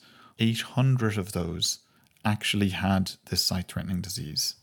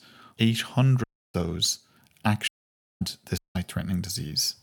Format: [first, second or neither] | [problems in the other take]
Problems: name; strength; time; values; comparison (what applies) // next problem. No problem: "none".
first | audio cutting out; at 1 s, at 2.5 s for 0.5 s and at 3.5 s